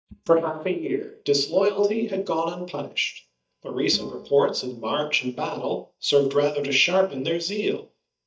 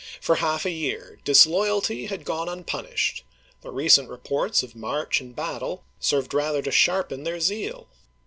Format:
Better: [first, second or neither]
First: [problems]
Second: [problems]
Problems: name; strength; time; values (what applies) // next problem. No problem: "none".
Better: second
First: noise reduction (neural mask model DeepFilterNet 3)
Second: none